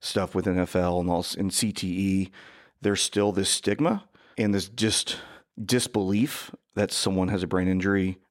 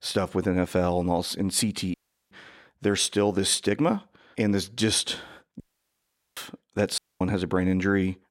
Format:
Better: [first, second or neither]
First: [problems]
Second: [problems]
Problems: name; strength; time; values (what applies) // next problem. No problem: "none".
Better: first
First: none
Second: audio cutting out; at 2 s, at 5.5 s for 1 s and at 7 s